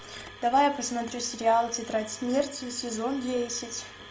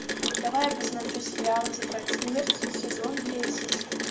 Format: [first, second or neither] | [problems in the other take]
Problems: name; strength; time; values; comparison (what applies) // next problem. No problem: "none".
first | background sound (Rain); 1 dB above the speech // room echo; dies away in 0.6 s